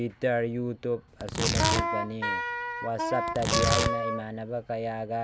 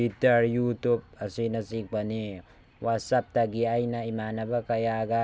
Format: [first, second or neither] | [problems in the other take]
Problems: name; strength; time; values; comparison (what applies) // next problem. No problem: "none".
second | background sound (Tearing + Wind instrument, woodwind instrument); 3 dB above the speech